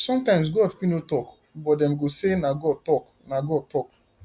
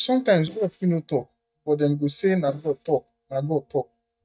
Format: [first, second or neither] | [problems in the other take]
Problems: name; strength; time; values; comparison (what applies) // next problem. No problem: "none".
first | noise reduction (neural mask model DeepFilterNet 3)